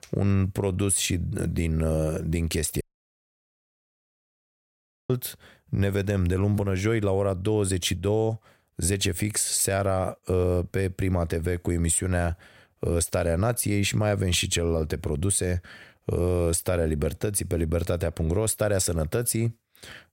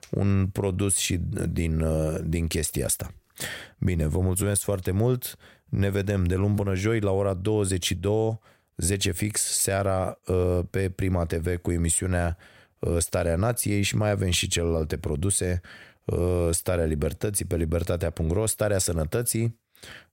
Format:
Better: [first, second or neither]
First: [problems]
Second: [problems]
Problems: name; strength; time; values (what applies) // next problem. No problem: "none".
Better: second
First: audio cutting out; at 3 s for 2.5 s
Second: none